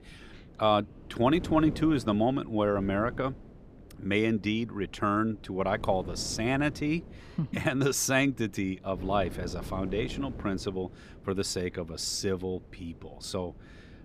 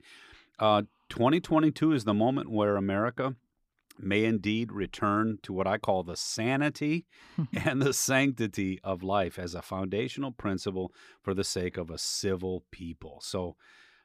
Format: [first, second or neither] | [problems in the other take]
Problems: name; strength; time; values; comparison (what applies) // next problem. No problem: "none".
second | wind noise on the microphone; occasional gusts; 20 dB below the speech